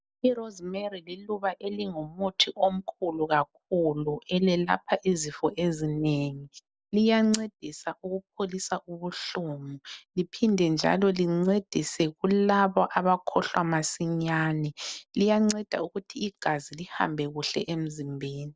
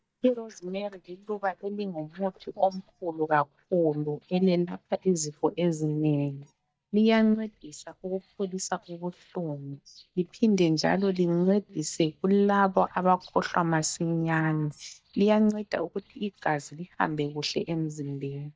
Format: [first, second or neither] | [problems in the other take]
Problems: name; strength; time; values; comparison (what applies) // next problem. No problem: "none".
first | noise reduction (neural mask model DeepFilterNet 3)